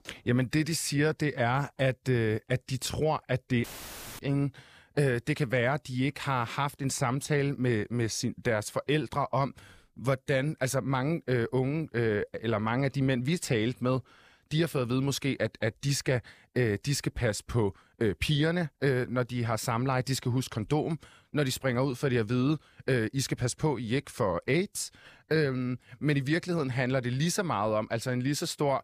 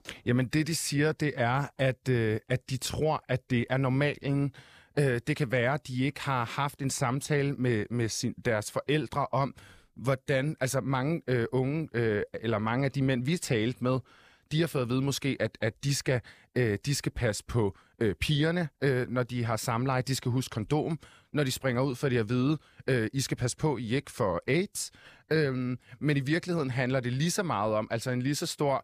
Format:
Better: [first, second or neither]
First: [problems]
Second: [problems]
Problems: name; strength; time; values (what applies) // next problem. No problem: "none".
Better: second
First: audio cutting out; filled with static; at 3.5 s for 0.5 s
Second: none